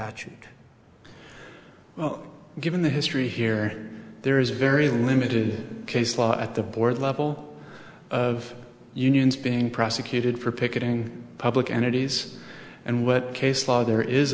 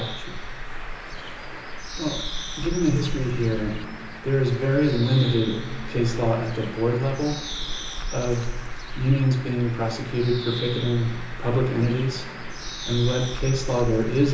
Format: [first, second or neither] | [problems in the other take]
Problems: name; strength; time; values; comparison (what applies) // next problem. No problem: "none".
first | background sound (Bird); 7 dB below the speech // room echo; dies away in 0.6 s